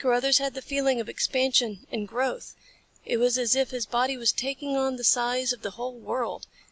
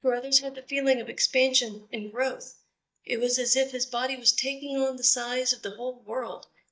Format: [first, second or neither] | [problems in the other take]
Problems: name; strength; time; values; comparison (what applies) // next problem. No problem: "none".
first | noise reduction (neural mask model DeepFilterNet 3)